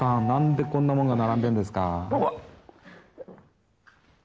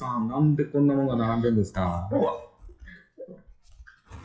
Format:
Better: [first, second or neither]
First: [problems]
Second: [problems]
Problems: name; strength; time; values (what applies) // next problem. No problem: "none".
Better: first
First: none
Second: noise reduction (classical method WPE with log-MMSE)